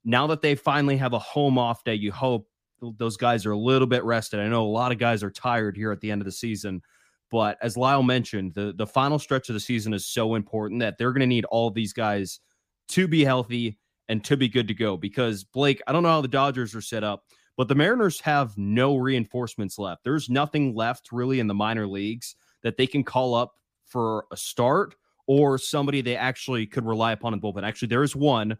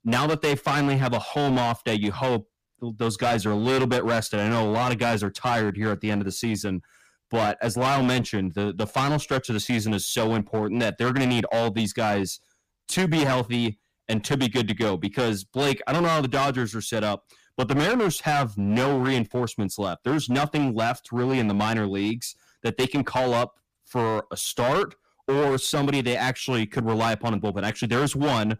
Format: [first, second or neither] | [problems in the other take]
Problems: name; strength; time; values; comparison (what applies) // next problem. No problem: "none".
first | distortion; heavy; 16% of the sound clipped